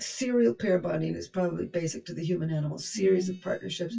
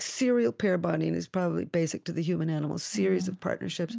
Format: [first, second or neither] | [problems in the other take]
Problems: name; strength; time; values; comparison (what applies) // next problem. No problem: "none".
second | noise reduction (classical method WPE with log-MMSE)